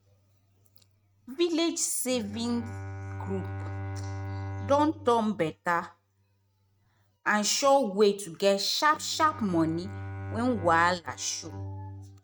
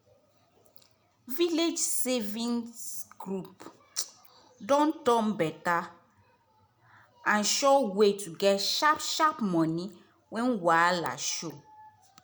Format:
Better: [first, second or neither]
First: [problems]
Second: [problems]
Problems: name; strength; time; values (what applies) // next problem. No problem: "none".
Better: second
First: noise reduction (neural mask model RNNoise)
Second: none